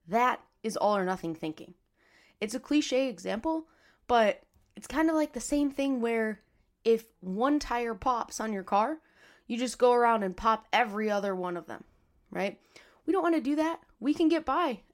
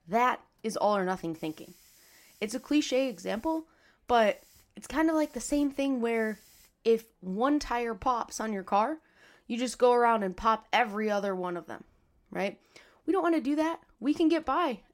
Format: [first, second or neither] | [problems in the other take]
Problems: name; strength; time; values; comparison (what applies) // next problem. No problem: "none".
first | hiss; faint; throughout; 30 dB below the speech